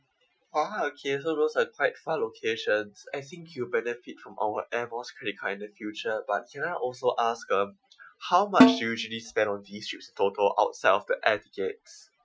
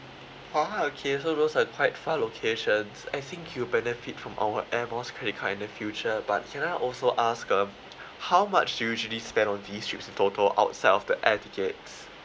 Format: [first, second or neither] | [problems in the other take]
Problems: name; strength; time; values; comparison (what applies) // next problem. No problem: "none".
second | noise reduction (classical method Wiener filter)